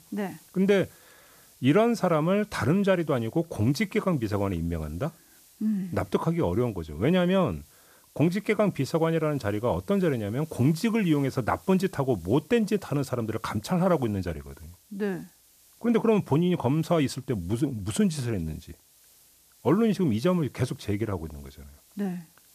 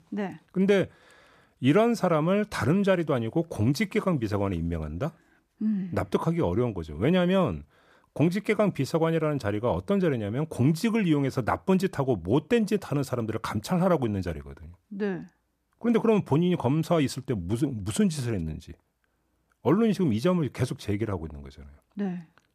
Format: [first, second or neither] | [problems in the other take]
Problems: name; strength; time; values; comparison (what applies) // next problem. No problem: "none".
second | hiss; faint; throughout; 30 dB below the speech